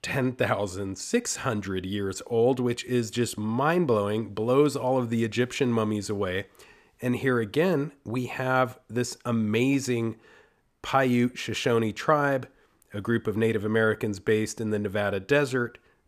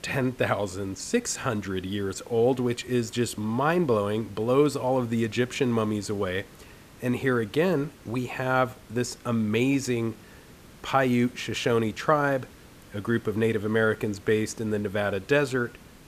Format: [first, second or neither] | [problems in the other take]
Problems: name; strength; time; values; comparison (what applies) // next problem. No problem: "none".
first | hiss; faint; throughout; 25 dB below the speech